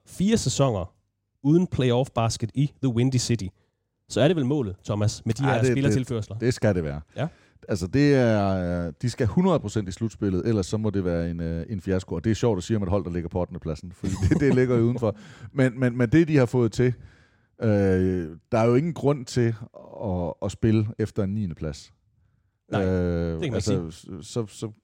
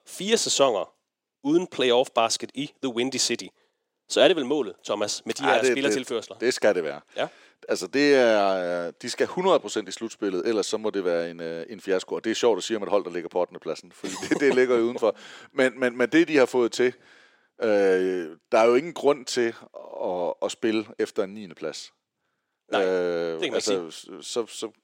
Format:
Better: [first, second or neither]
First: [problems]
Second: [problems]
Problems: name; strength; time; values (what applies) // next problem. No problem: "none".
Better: first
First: none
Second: thin; somewhat; fading below 350 Hz